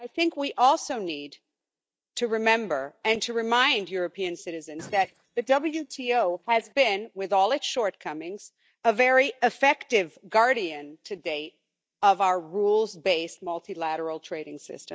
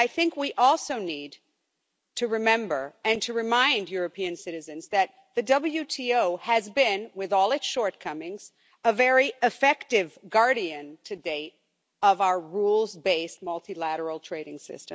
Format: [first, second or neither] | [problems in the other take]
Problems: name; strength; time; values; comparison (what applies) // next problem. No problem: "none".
second | noise reduction (neural mask model DeepFilterNet 3)